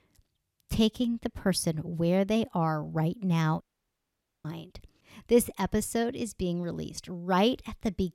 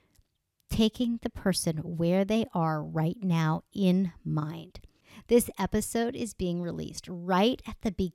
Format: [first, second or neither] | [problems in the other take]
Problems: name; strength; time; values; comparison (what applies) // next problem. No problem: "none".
second | audio cutting out; at 3.5 s for 1 s